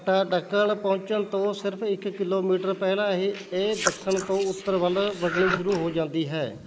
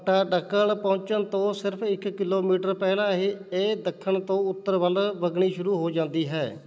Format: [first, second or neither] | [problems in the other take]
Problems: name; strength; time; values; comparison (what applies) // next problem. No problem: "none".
second | noise reduction (neural mask model Resemble Enhance denoiser)